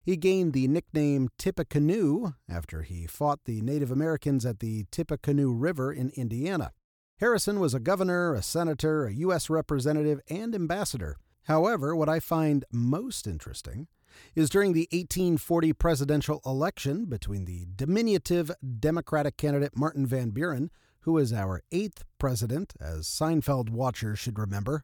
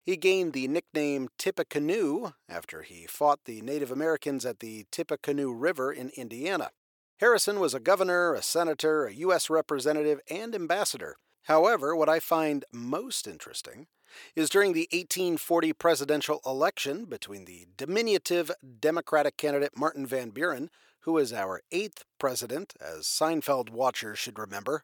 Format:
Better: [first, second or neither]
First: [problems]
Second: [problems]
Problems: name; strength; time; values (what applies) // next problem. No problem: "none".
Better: first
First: none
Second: thin; somewhat; fading below 500 Hz